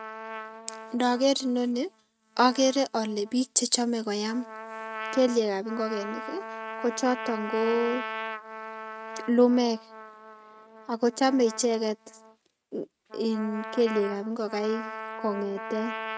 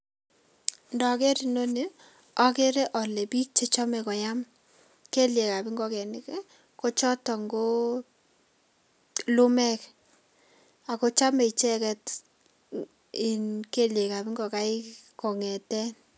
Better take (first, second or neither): second